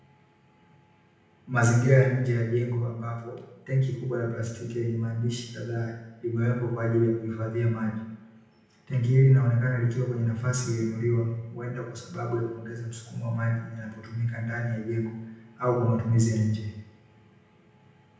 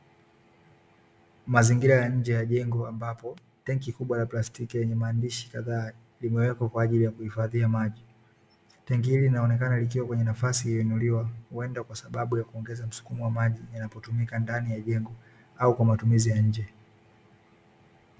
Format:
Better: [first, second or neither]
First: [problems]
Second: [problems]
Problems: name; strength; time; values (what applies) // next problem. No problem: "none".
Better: second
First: room echo; dies away in 0.9 s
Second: none